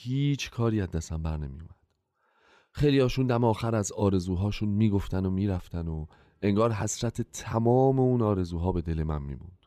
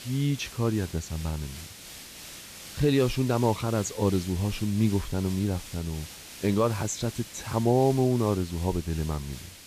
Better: first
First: none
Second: hiss; noticeable; throughout; 15 dB below the speech

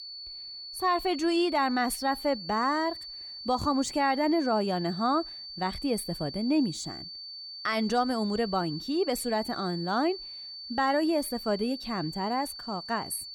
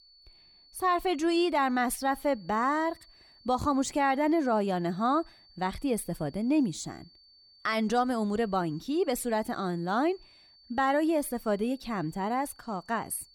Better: second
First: high-pitched whine; loud; throughout; 4.5 kHz, 10 dB below the speech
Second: high-pitched whine; faint; throughout; 4.5 kHz, 25 dB below the speech

